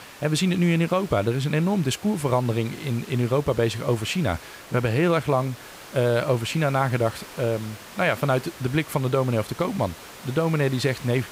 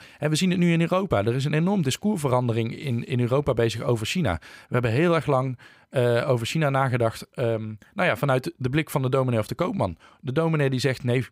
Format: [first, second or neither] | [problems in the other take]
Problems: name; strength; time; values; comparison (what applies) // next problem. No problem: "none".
second | hiss; noticeable; throughout; 15 dB below the speech